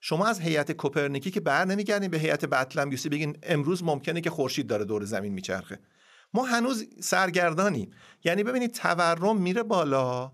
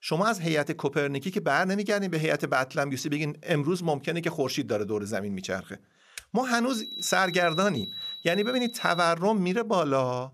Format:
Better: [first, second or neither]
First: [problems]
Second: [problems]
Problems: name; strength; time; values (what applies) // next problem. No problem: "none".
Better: first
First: none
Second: keyboard typing; very faint; at 6 s; peak 15 dB below the speech // alarm; noticeable; from 6.5 to 9 s; peak 7 dB below the speech